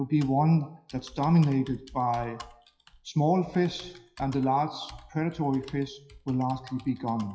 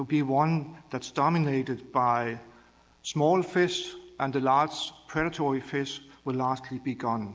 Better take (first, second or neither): second